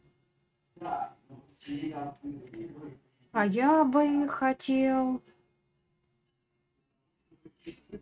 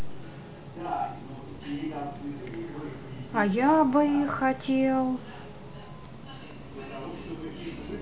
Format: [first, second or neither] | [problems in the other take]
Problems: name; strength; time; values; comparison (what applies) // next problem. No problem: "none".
second | noise reduction (neural mask model RNNoise)